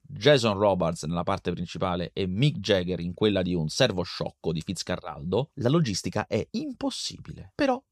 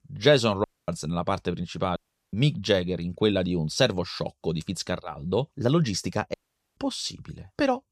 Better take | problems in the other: first | audio cutting out; at 0.5 s, at 2 s and at 6.5 s

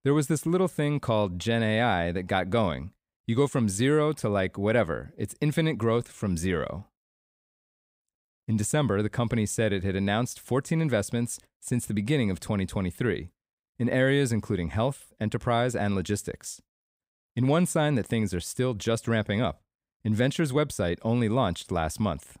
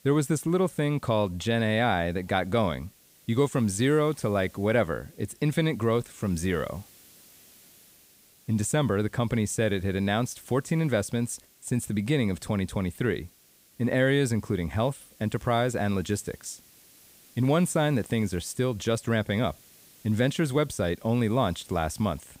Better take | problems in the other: first | hiss; faint; throughout; 25 dB below the speech

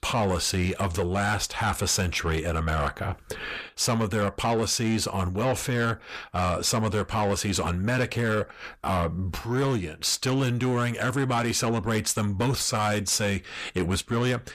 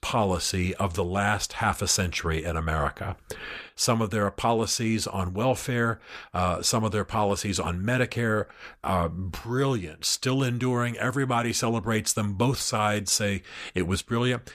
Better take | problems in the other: second | distortion; slight; 10 dB below the speech

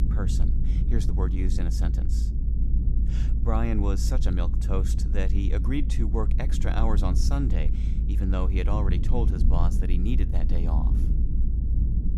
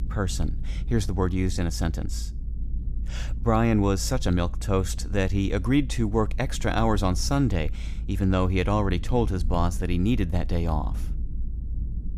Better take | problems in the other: second | low rumble; loud; throughout; 7 dB below the speech; faint in the second

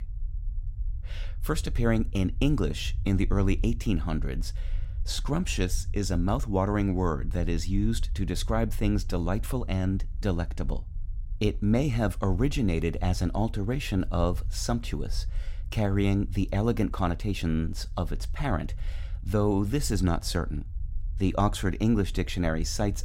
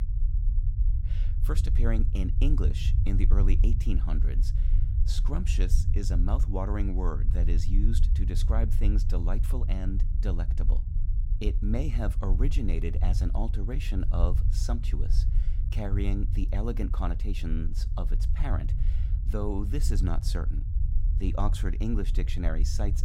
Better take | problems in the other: first | low rumble; loud; throughout; 9 dB below the speech; faint in the first

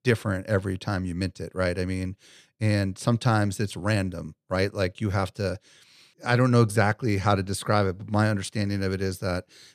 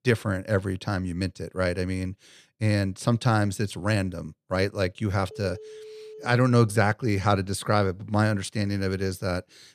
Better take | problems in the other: first | phone ringing; faint; at 5.5 s; peak 15 dB below the speech

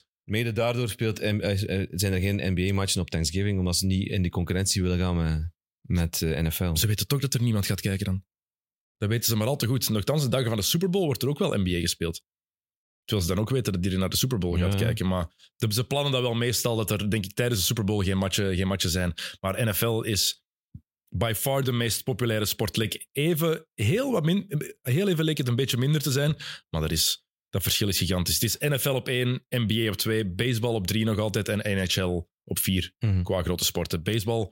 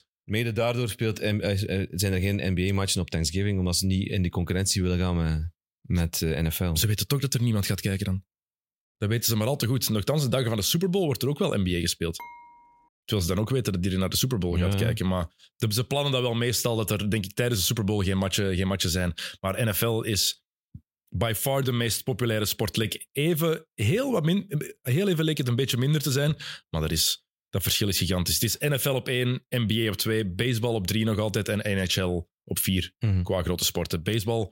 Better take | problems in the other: first | clattering dishes; faint; at 12 s; peak 20 dB below the speech

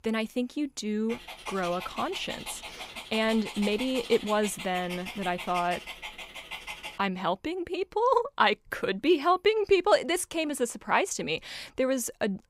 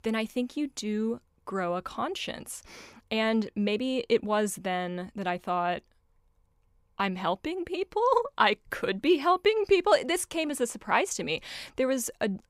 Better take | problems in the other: second | dog barking; noticeable; from 1 to 7 s; peak 9 dB below the speech

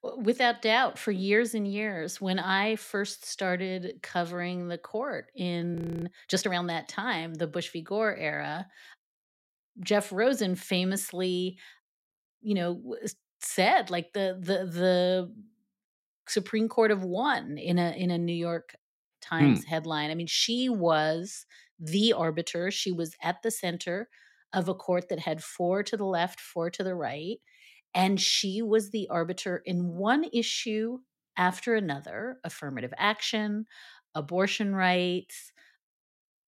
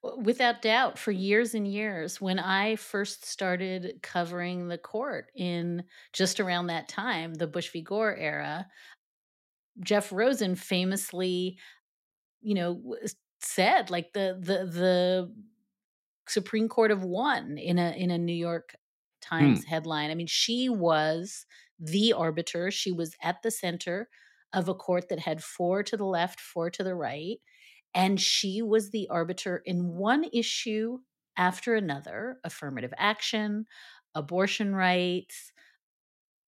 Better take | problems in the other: second | audio freezing; at 6 s

